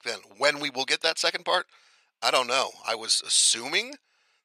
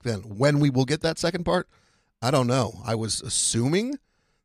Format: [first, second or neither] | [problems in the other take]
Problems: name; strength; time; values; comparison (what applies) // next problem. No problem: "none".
second | thin; very; fading below 750 Hz